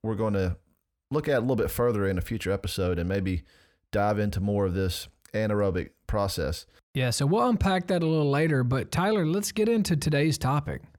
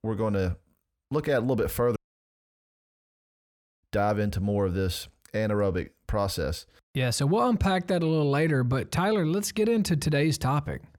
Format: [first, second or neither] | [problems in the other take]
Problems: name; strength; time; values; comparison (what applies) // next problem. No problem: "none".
first | audio cutting out; at 2 s for 2 s